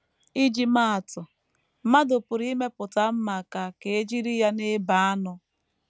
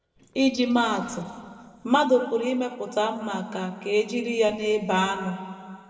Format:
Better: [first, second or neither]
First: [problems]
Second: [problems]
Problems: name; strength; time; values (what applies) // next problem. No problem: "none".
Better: first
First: none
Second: noise reduction (neural separator model SepFormer DNS4)